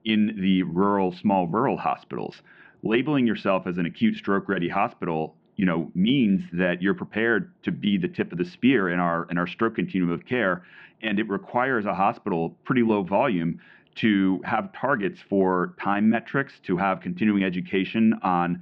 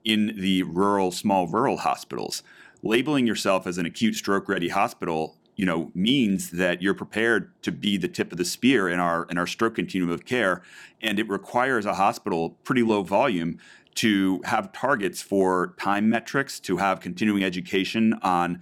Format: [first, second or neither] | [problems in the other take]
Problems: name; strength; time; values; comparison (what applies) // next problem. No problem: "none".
second | muffled; very; fading above 3 kHz